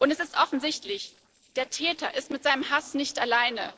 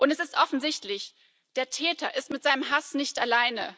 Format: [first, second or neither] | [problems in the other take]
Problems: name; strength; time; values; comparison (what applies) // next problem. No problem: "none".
second | noise reduction (neural separator model SepFormer DNS4)